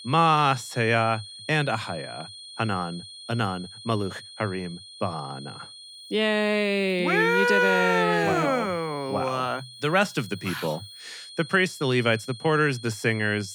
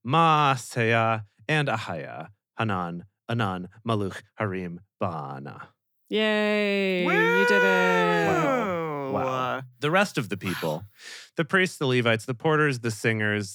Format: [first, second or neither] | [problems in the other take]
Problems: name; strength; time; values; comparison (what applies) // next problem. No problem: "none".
second | high-pitched whine; noticeable; throughout; 4 kHz, 15 dB below the speech